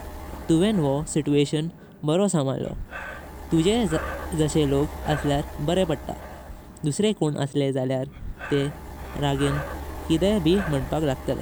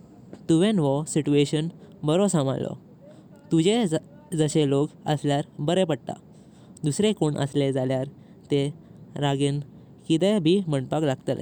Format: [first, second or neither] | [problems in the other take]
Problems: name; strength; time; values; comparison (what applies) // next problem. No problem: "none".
second | background sound (Breathing); 11 dB below the speech